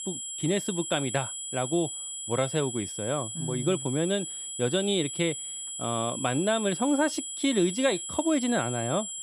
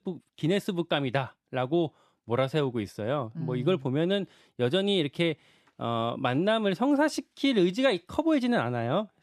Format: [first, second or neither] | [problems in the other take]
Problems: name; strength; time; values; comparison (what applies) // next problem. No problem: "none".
second | high-pitched whine; loud; throughout; 7.5 kHz, 5 dB below the speech